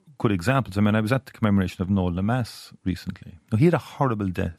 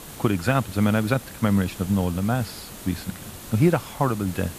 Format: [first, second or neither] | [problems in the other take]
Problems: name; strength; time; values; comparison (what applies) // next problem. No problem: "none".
first | hiss; noticeable; throughout; 15 dB below the speech